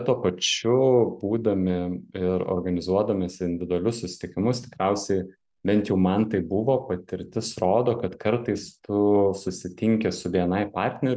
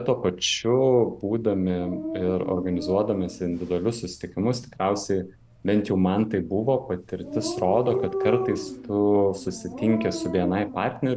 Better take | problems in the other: first | background sound (Dog); 10 dB below the speech

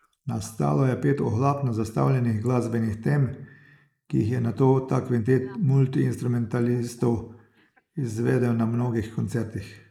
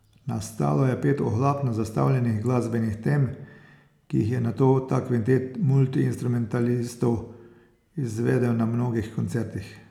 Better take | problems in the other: second | noise reduction (neural mask model Resemble Enhance denoiser)

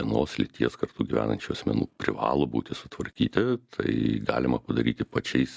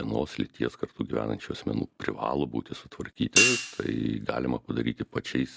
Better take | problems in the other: first | background sound (Hi-hat); 2 dB above the speech

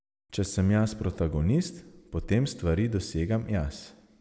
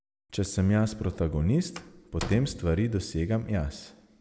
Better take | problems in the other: first | background sound (Slam); 13 dB below the speech

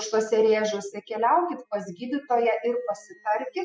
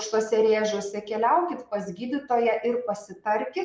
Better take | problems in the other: second | noise reduction (classical method spectral subtraction)

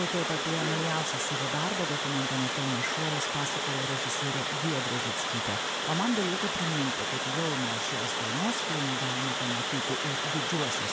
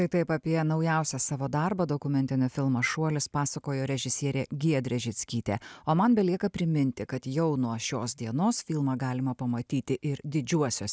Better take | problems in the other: second | background sound (Water); 3 dB above the speech

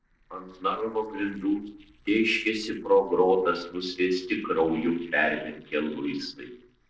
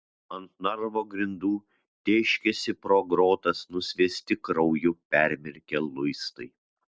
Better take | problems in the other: second | noise reduction (neural separator model SepFormer DNS4)

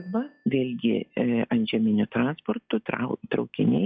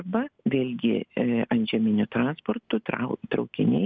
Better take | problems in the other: second | noise reduction (classical method log-MMSE)

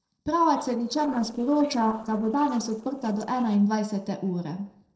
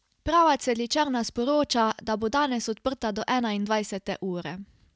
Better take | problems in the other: second | noise reduction (neural separator model SepFormer DNS4)

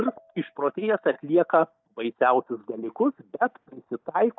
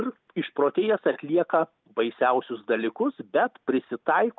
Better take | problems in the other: second | noise reduction (neural mask model DeepFilterNet 3)

